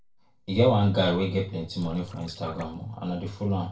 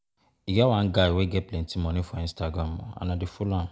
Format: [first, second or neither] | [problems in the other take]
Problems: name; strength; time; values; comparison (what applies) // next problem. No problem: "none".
second | noise reduction (neural separator model SepFormer DNS4)